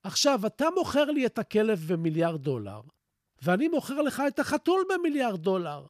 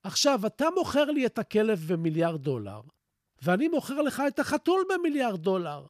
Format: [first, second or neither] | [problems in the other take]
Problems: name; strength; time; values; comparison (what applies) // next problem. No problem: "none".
neither | none